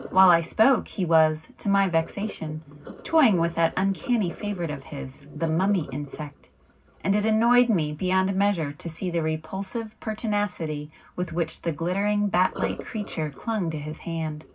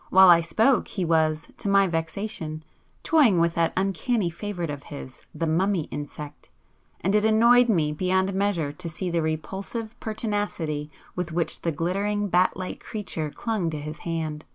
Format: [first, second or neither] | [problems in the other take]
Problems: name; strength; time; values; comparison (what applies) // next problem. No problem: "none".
second | background sound (Sink (filling or washing)); 18 dB below the speech // room echo; dies away in 0.4 s